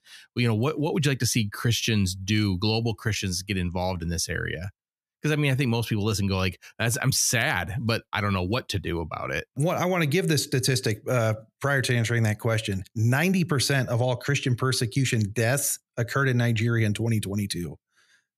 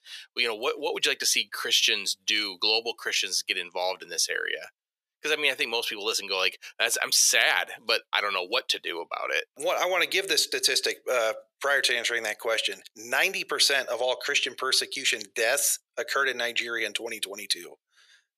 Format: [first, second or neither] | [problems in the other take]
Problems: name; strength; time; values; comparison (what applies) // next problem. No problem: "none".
first | thin; very; fading below 450 Hz